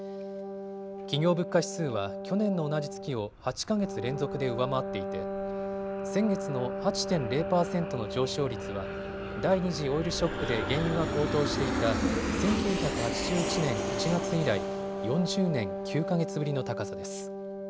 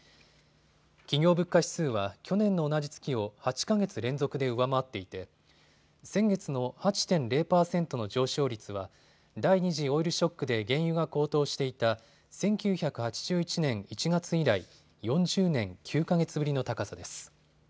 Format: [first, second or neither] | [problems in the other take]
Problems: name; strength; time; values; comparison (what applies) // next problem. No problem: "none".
second | background sound (Wind instrument, woodwind instrument + Aircraft); 2 dB below the speech